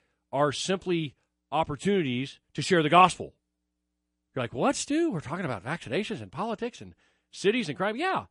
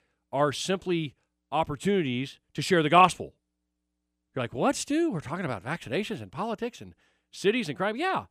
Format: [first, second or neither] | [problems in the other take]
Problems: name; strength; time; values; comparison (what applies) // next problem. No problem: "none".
second | garbled, watery; slightly; nothing above 10.5 kHz